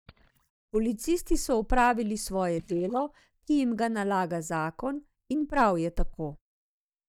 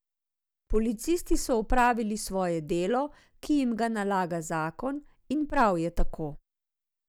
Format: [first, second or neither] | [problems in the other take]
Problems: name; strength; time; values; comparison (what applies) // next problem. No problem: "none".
second | noise reduction (neural mask model DeepFilterNet 3)